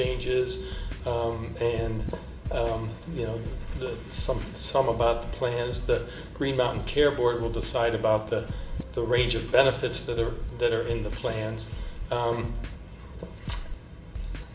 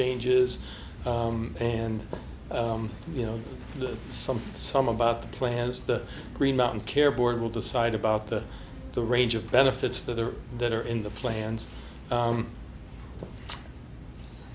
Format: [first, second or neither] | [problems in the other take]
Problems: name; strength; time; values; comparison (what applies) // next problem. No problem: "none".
second | background sound (Scratching (performance technique)); 8 dB below the speech // room echo; dies away in 1 s